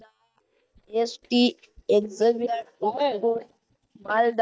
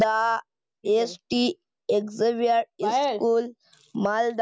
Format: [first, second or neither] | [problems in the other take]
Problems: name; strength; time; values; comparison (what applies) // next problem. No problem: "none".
second | noise reduction (neural mask model DeepFilterNet 3)